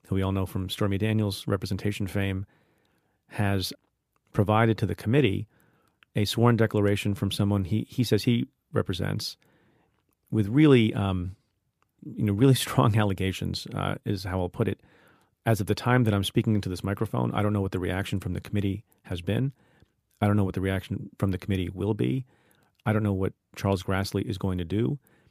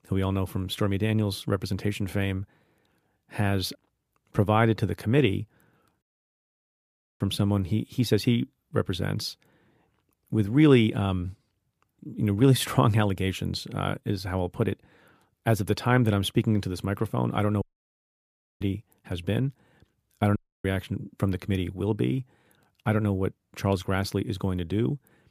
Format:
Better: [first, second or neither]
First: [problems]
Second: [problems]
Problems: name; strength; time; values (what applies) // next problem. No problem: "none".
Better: first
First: none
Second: audio cutting out; at 6 s for 1 s, at 18 s for 1 s and at 20 s